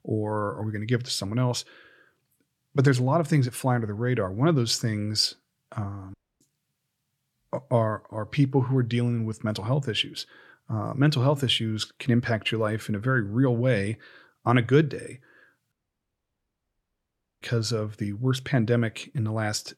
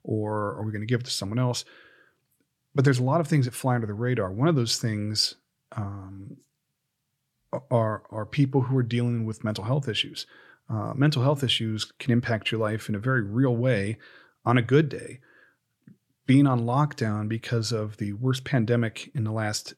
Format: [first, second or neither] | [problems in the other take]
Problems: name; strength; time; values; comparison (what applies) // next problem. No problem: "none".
second | audio cutting out; at 6 s and at 16 s for 1.5 s